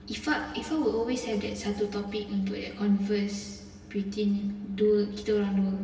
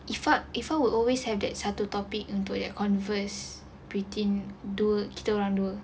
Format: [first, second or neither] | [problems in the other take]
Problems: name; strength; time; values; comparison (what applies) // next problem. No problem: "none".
second | room echo; dies away in 1.3 s